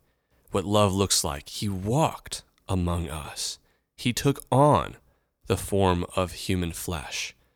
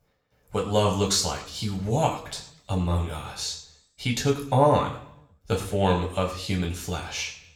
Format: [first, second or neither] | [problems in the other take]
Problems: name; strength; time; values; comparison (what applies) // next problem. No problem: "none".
first | room echo; slight; dies away in 0.6 s // off-mic speech; somewhat distant